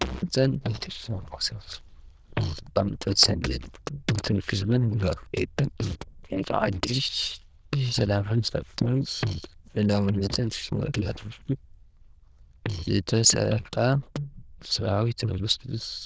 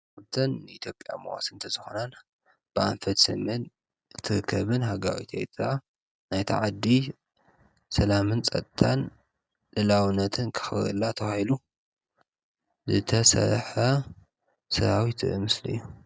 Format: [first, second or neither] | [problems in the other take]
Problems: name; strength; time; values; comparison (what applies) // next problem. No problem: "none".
second | noise reduction (neural diffusion model UNIVERSE++)